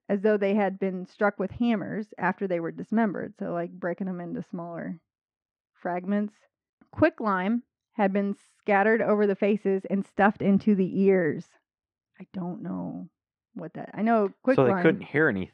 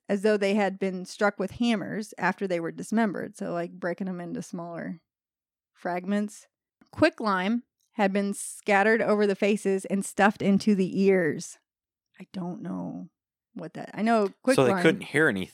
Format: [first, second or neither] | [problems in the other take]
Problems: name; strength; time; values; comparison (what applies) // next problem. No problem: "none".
second | muffled; very; fading above 2 kHz